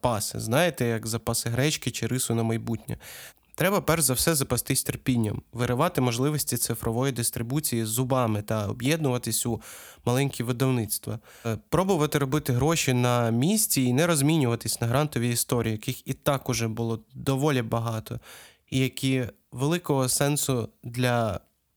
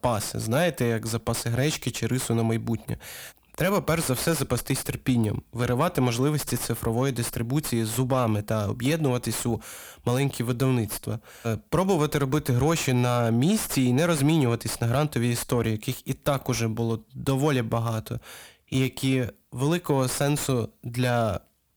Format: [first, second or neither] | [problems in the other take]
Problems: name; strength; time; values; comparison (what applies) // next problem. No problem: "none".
first | distortion; slight; 10 dB below the speech